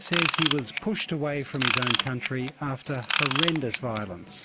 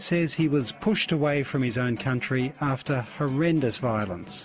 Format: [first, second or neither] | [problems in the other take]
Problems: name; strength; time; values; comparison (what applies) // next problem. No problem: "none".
second | background sound (Ratchet, pawl / Tools); as loud as the speech